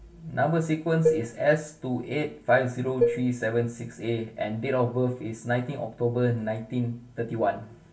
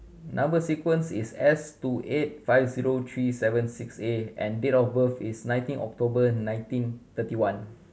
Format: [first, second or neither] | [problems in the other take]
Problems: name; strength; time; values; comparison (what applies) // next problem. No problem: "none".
second | background sound (Dishes, pots, and pans); 2 dB below the speech // room echo; dies away in 0.2 s